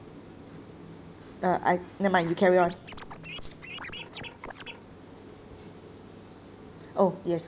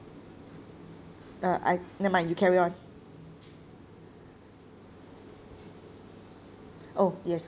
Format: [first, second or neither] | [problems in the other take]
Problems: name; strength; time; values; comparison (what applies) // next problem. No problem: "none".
second | background sound (Scratching (performance technique)); 13 dB below the speech